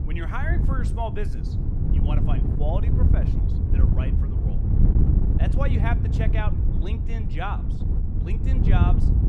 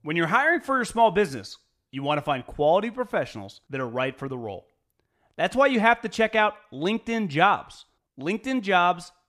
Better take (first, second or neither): second